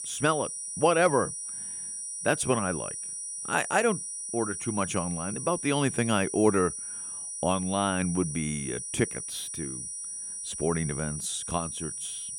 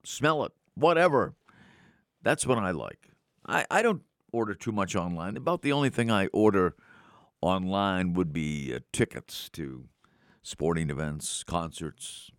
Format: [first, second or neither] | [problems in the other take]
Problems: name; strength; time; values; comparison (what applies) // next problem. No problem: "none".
second | high-pitched whine; loud; throughout; 9.5 kHz, 5 dB below the speech